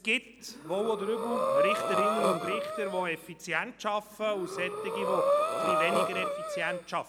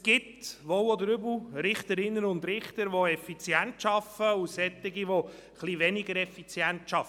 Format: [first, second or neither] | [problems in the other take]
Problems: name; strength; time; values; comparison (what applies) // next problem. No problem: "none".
second | background sound (Breathing); 3 dB above the speech